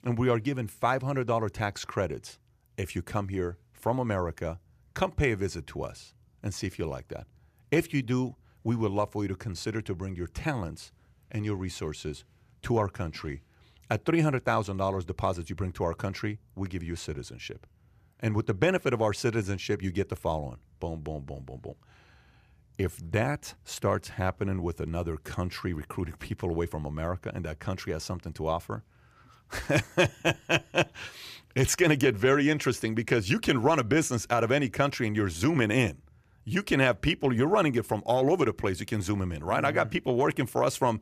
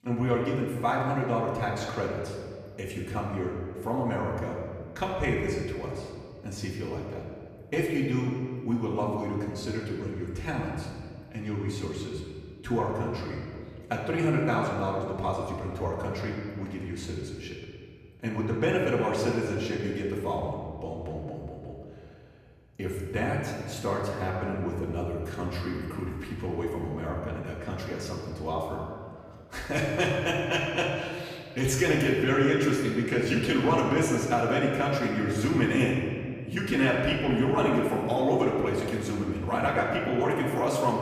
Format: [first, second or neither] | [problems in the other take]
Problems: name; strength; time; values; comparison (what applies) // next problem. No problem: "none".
first | off-mic speech; far // room echo; noticeable; dies away in 1.7 s